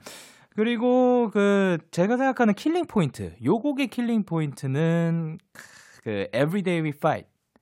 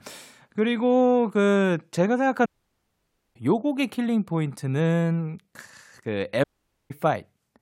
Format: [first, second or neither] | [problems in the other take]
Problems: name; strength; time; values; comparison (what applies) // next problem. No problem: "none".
first | audio cutting out; at 2.5 s for 1 s and at 6.5 s